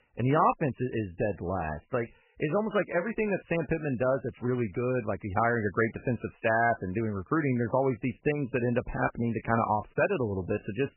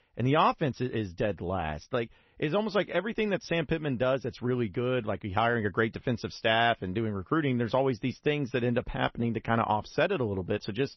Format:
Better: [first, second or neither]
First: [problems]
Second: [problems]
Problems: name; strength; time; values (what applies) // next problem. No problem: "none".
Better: second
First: garbled, watery; badly; nothing above 3 kHz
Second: garbled, watery; slightly; nothing above 6 kHz